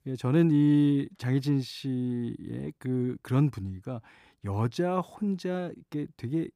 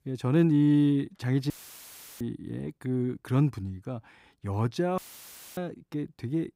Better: first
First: none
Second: audio cutting out; filled with static; at 1.5 s for 0.5 s and at 5 s for 0.5 s

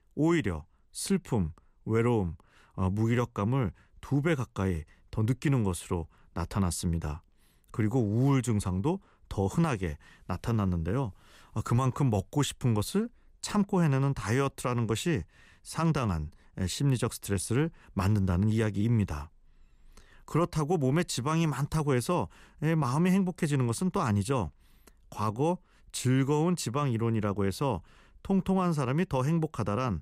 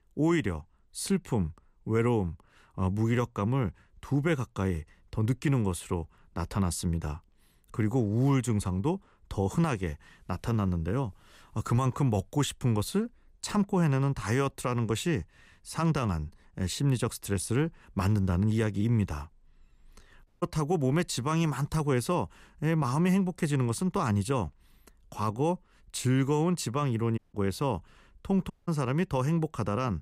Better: first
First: none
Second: audio cutting out; at 20 s, at 27 s and at 29 s

